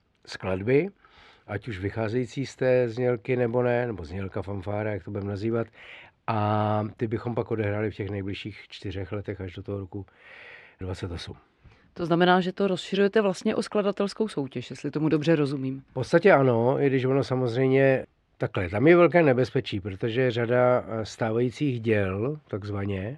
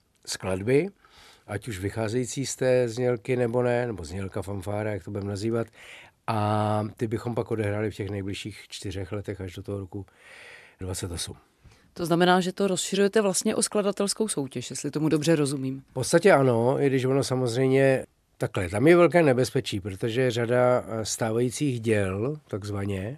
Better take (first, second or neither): second